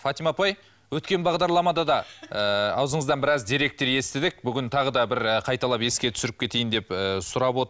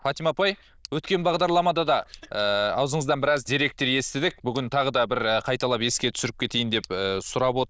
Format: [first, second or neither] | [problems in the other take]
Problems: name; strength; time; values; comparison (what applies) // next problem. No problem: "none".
first | noise reduction (neural diffusion model UNIVERSE++)